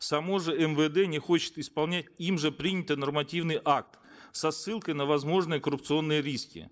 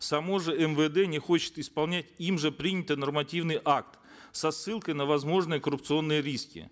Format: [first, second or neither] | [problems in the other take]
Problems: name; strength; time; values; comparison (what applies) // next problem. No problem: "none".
second | noise reduction (neural mask model Resemble Enhance denoiser)